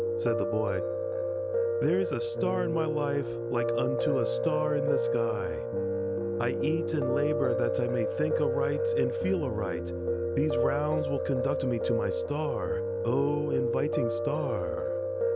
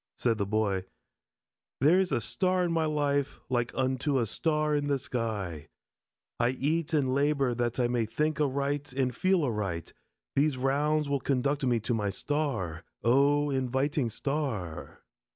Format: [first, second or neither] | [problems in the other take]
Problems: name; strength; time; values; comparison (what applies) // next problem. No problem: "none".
second | background sound (Piano); 3 dB above the speech